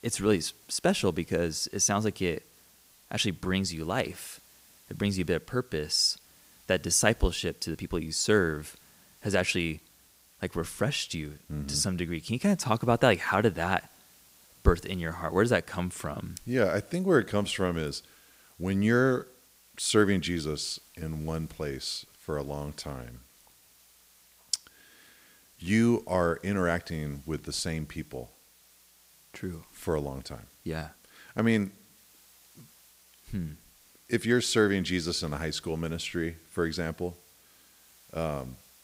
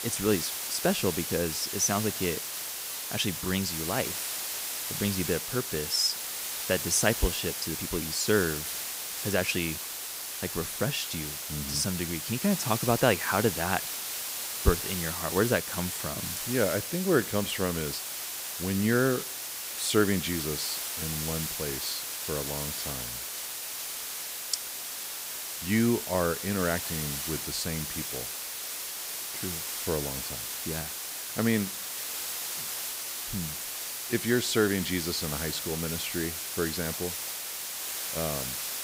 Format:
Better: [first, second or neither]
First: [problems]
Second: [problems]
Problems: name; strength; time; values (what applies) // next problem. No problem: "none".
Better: first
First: hiss; faint; throughout; 25 dB below the speech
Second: hiss; loud; throughout; 2 dB below the speech